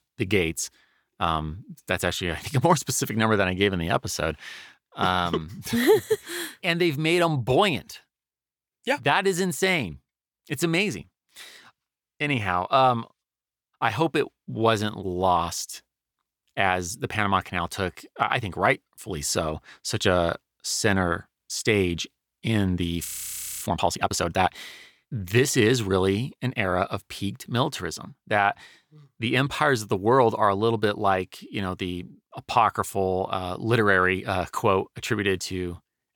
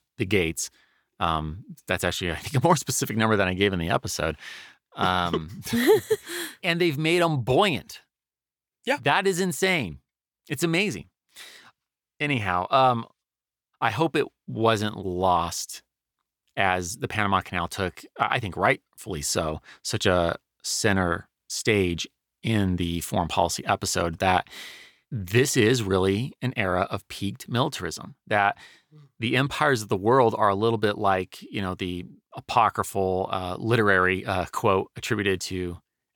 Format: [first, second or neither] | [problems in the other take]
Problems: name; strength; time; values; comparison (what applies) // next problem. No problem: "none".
second | audio freezing; at 23 s for 0.5 s